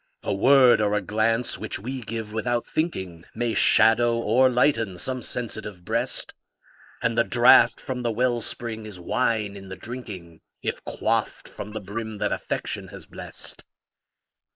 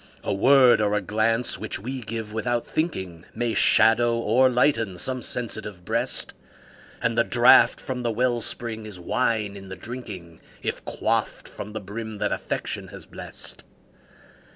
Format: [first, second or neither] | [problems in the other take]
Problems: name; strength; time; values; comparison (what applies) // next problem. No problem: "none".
second | noise reduction (neural mask model Resemble Enhance denoiser)